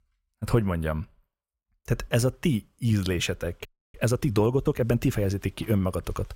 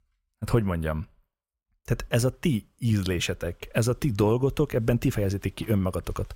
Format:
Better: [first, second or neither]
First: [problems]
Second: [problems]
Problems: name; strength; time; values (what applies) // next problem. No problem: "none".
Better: second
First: audio freezing; at 3.5 s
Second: none